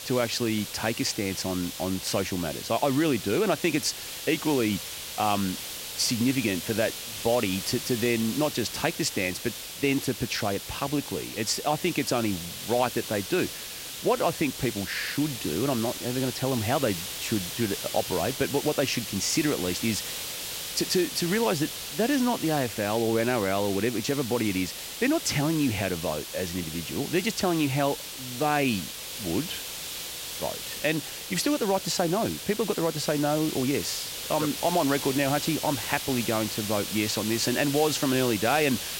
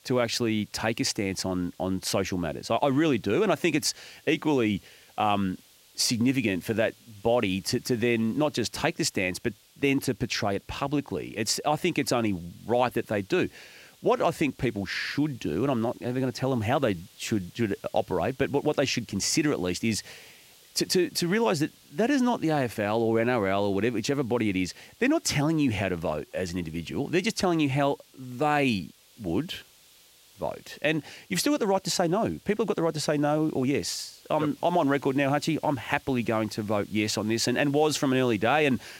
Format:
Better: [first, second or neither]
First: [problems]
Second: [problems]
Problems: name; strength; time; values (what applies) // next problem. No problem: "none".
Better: second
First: hiss; loud; throughout; 6 dB below the speech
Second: hiss; faint; throughout; 25 dB below the speech